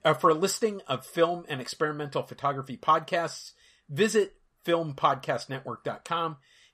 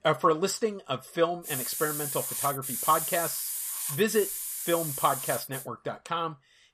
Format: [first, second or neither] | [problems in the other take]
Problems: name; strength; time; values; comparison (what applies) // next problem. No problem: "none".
first | hiss; loud; from 1.5 to 5.5 s; 2 dB below the speech